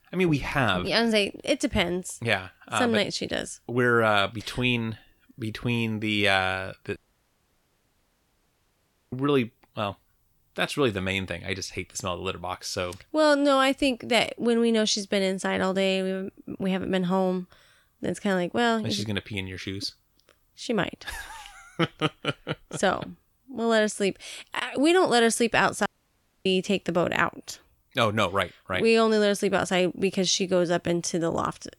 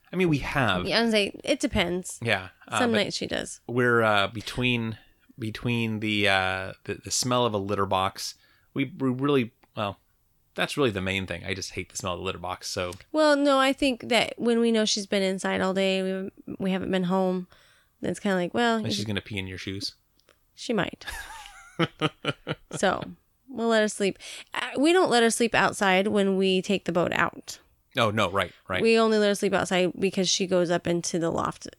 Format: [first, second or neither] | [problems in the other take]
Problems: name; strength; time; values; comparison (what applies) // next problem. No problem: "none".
second | audio cutting out; at 7 s for 2 s and at 26 s for 0.5 s